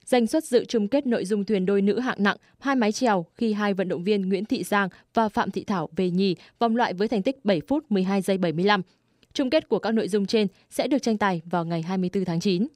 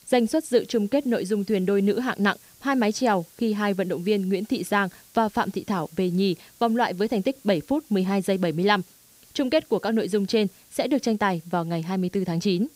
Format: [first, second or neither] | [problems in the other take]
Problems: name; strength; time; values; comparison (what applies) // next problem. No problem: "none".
first | hiss; faint; throughout; 25 dB below the speech